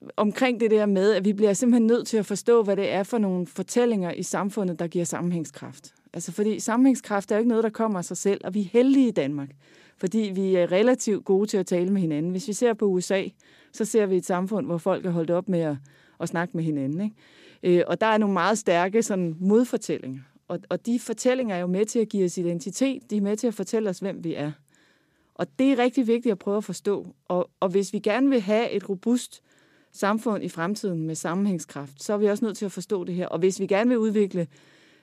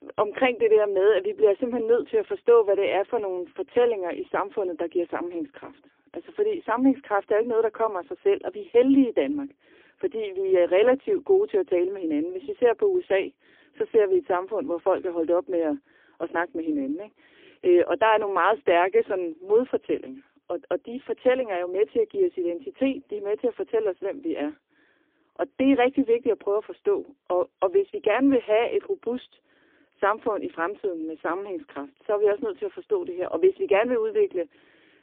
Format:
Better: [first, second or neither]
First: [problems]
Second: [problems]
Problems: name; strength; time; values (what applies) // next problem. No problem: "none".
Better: first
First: none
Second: phone-call audio; poor line; nothing above 3 kHz